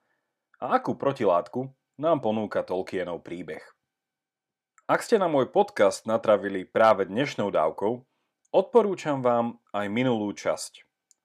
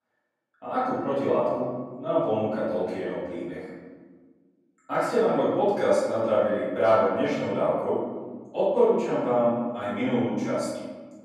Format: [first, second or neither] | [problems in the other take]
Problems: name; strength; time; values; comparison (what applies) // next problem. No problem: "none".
first | room echo; strong; dies away in 1.4 s // off-mic speech; far